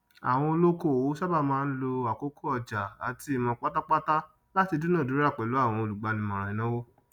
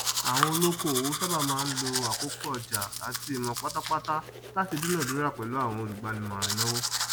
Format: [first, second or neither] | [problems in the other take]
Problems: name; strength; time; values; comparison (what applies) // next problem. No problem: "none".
first | background sound (Domestic sounds, home sounds); 1 dB below the speech